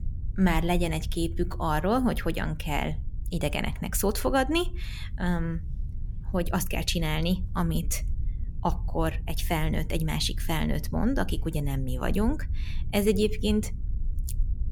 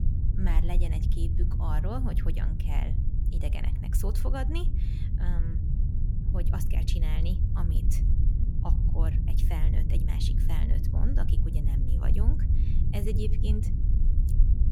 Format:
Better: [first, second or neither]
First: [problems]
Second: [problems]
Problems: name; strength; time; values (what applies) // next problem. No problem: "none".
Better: first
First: low rumble; faint; throughout; 25 dB below the speech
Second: low rumble; loud; throughout; 3 dB below the speech